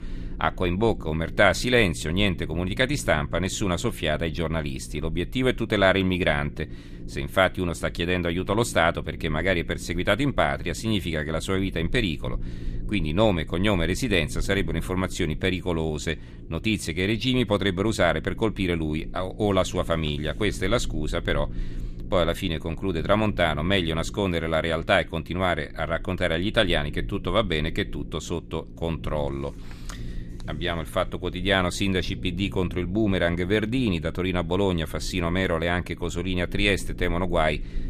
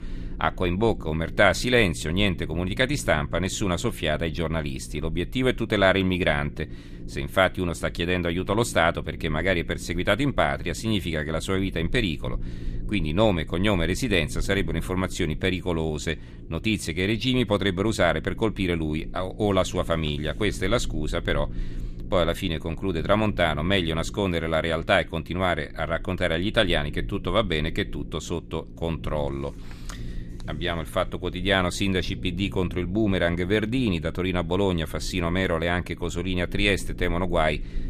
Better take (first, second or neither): neither